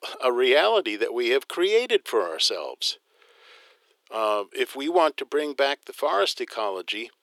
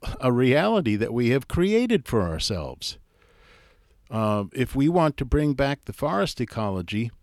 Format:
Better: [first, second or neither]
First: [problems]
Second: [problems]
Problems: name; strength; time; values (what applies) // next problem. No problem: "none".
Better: second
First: thin; very; fading below 350 Hz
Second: none